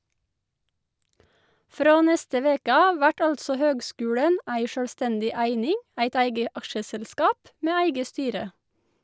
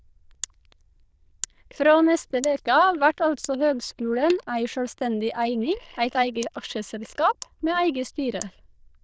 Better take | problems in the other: first | noise reduction (neural diffusion model UNIVERSE++)

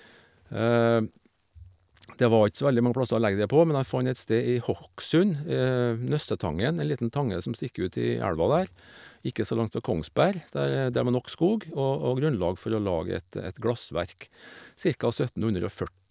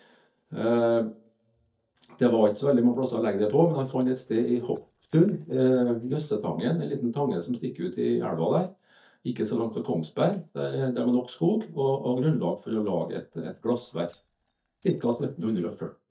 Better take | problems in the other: first | noise reduction (neural mask model DeepFilterNet 3)

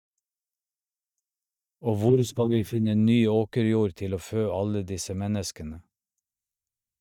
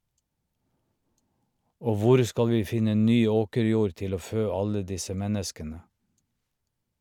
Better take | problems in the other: second | noise reduction (neural mask model DeepFilterNet 3)

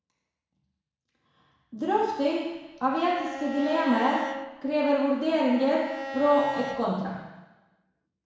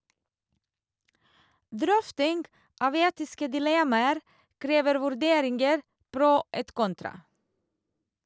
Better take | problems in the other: second | background sound (Bowed string instrument); 10 dB below the speech // room echo; dies away in 1.1 s

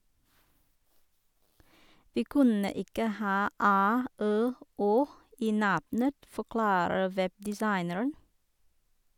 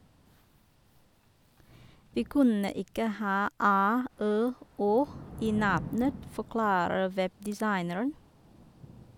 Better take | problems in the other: first | background sound (Thunder / Rain); 17 dB below the speech

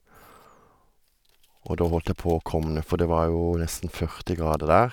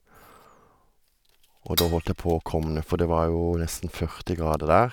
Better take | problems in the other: first | background sound (Cutlery, silverware / Dishes, pots, and pans); 6 dB below the speech

